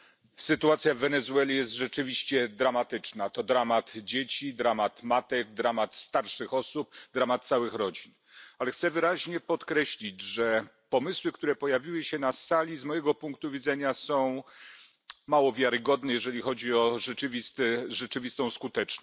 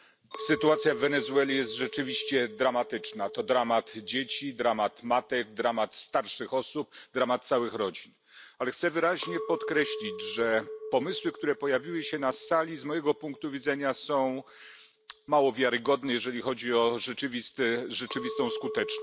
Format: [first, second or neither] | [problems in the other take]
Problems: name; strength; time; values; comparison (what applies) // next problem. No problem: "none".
first | background sound (Chink, clink); 13 dB below the speech